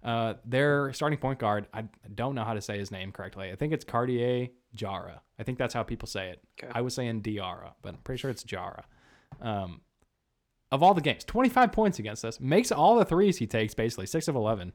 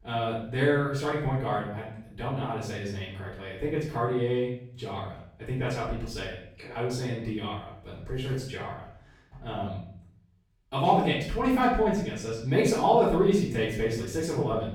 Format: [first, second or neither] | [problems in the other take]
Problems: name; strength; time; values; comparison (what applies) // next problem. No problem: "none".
first | off-mic speech; far // room echo; noticeable; dies away in 0.6 s